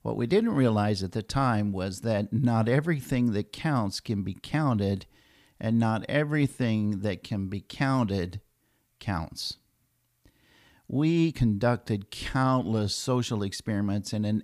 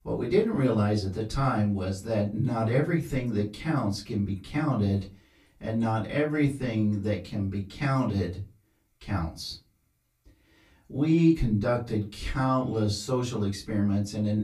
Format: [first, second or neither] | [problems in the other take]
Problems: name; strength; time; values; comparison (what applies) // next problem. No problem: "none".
first | off-mic speech; far // room echo; very slight; dies away in 0.2 s